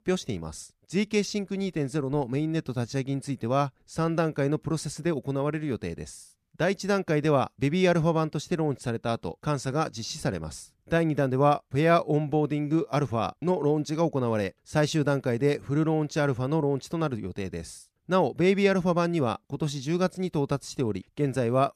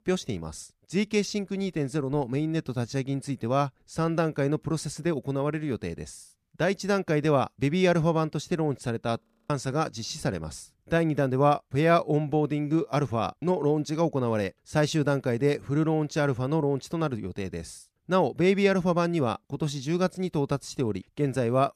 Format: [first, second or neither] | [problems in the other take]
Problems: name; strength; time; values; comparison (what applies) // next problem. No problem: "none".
first | audio freezing; at 9 s